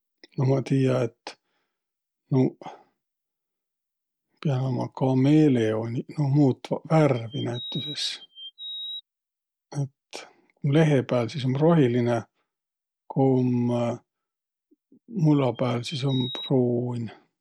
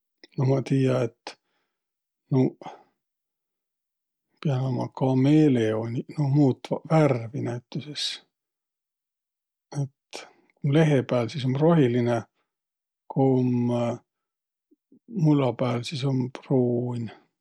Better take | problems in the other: second | background sound (Bird vocalization, bird call, bird song); 13 dB below the speech

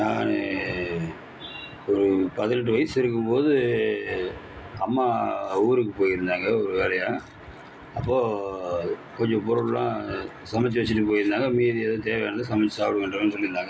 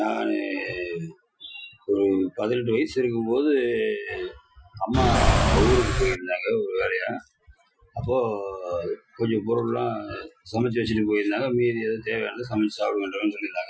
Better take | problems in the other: first | noise reduction (classical method Wiener filter)

